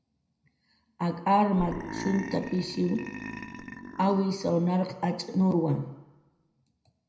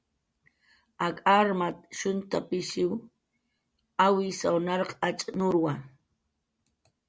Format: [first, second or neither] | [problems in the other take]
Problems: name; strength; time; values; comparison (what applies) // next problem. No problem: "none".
second | background sound (Burping, eructation); 10 dB below the speech // room echo; dies away in 0.8 s